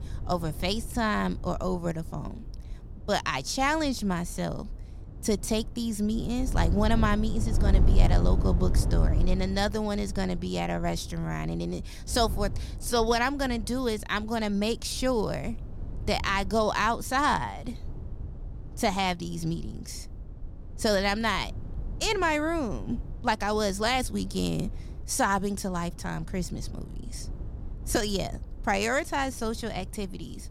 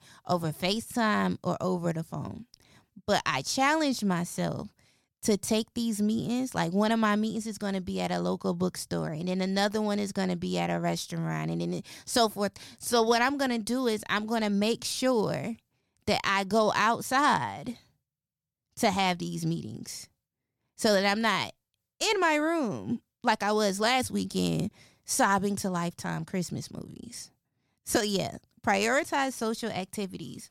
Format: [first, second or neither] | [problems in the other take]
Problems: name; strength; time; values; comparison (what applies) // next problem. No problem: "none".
second | wind noise on the microphone; occasional gusts; 20 dB below the speech